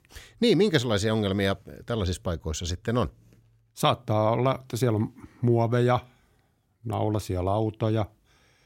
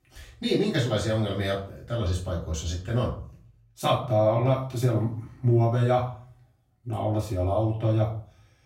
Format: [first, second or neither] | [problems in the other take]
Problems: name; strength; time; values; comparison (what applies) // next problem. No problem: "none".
first | room echo; slight; dies away in 0.4 s // off-mic speech; far